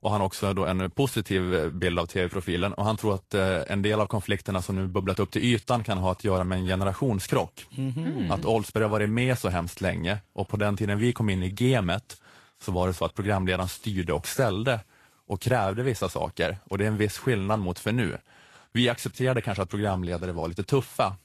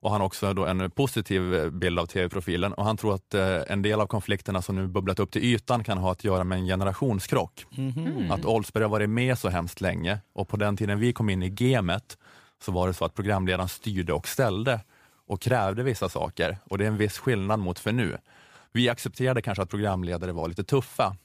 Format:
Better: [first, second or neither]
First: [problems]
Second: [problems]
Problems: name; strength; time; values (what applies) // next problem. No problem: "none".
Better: second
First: garbled, watery; slightly; nothing above 13 kHz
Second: none